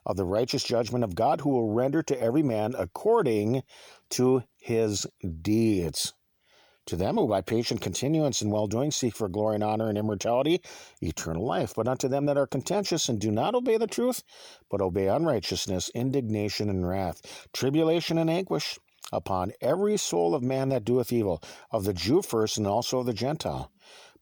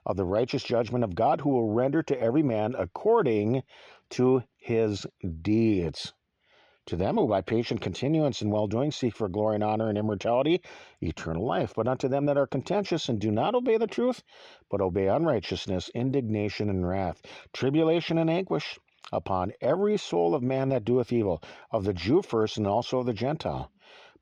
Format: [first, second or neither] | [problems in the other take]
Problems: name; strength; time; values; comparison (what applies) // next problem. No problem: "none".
first | muffled; slightly; fading above 3 kHz